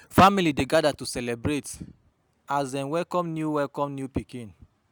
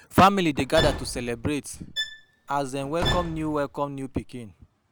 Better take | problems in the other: first | background sound (Slam / Wood + Bowed string instrument); 7 dB below the speech

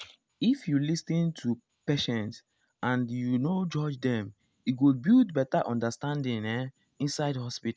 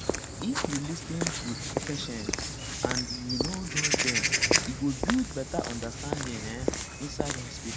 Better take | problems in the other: first | background sound (Walk, footsteps / Bird vocalization, bird call, bird song); 4 dB above the speech

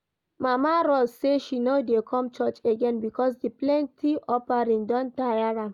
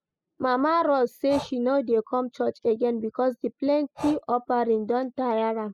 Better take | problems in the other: first | noise reduction (classical method spectral subtraction)

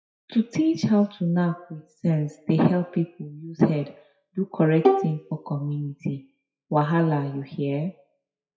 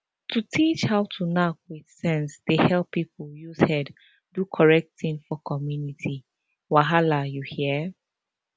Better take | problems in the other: second | noise reduction (classical method WPE with log-MMSE)

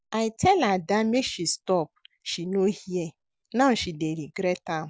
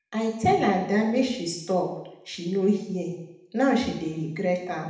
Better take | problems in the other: first | room echo; dies away in 0.8 s

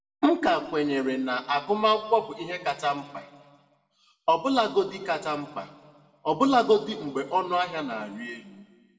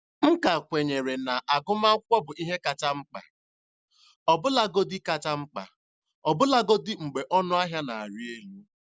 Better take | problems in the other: second | room echo; dies away in 1.4 s

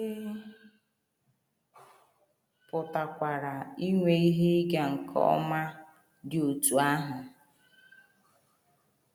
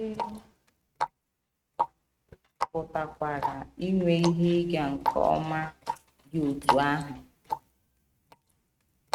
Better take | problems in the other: first | noise reduction (neural mask model RNNoise)

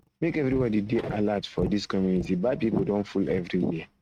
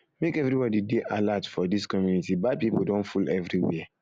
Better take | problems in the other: second | noise reduction (neural mask model RNNoise)

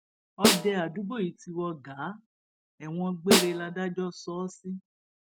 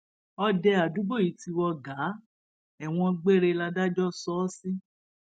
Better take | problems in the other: second | background sound (Snare drum); 4 dB above the speech

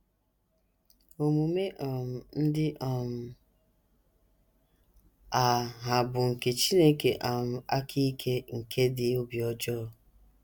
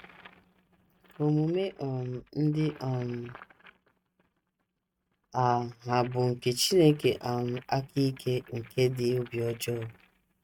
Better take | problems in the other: first | noise reduction (neural mask model RNNoise)

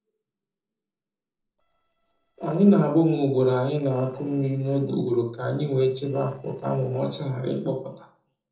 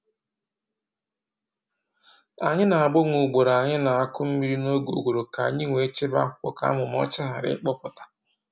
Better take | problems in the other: second | noise reduction (neural separator model SepFormer DNS4)

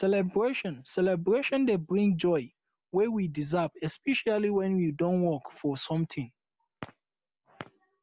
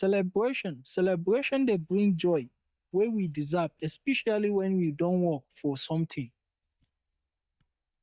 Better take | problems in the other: first | noise reduction (neural mask model DeepFilterNet 3)

